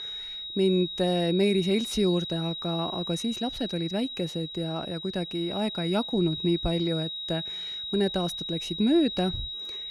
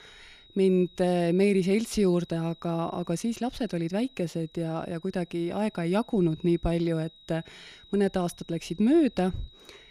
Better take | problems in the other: second | high-pitched whine; loud; throughout; 4 kHz, 5 dB below the speech; faint in the second

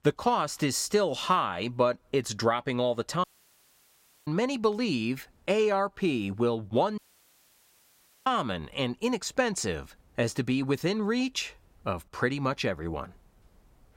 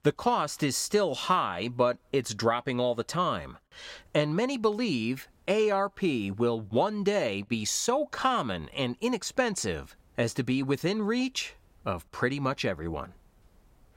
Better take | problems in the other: second | audio cutting out; at 3 s for 1 s and at 7 s for 1.5 s

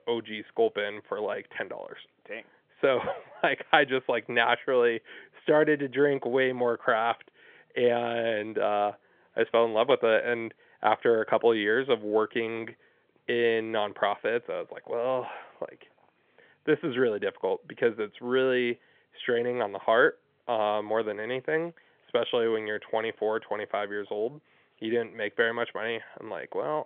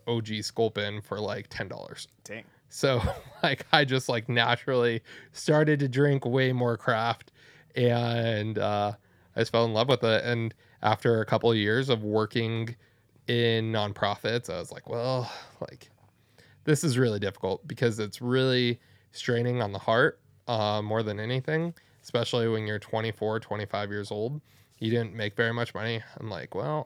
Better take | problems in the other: second | phone-call audio; nothing above 3.5 kHz

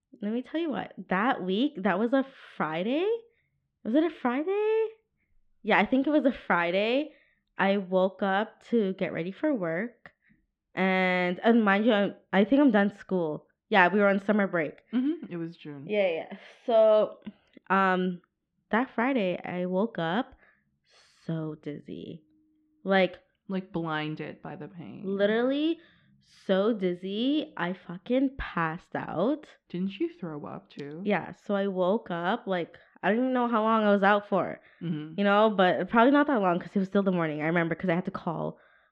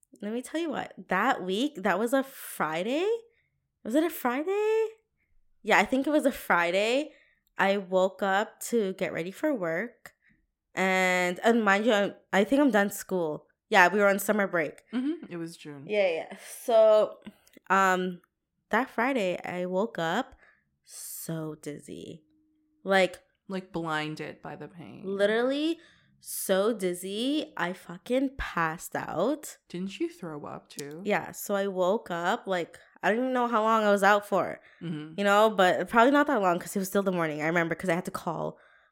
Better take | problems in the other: second | muffled; slightly; fading above 3.5 kHz

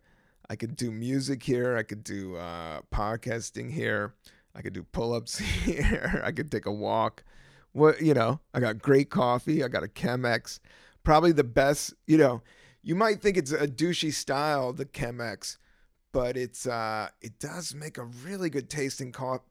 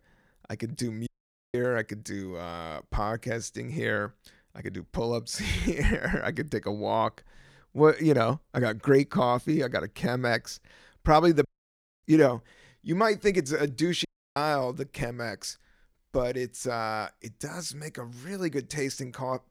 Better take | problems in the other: first | audio cutting out; at 1 s, at 11 s for 0.5 s and at 14 s

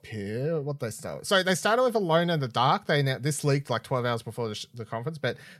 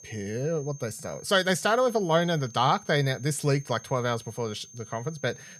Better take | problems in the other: first | high-pitched whine; noticeable; throughout; 6.5 kHz, 20 dB below the speech

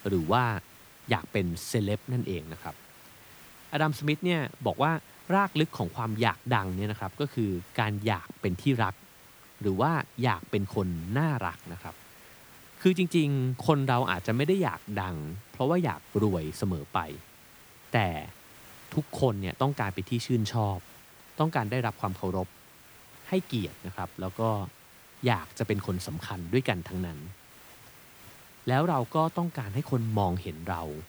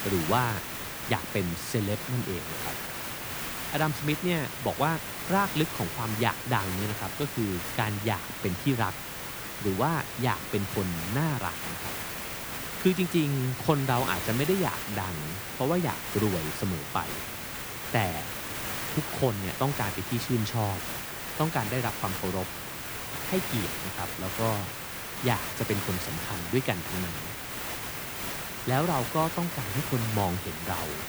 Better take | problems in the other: first | hiss; loud; throughout; 3 dB below the speech; faint in the first

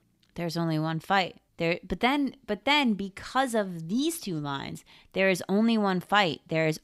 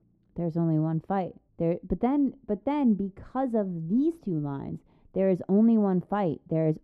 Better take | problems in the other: first | muffled; very; fading above 1.5 kHz

